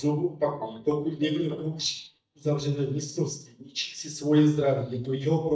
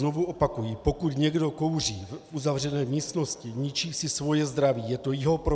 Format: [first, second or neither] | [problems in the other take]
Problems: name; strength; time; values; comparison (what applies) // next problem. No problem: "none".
second | noise reduction (neural mask model DeepFilterNet 3)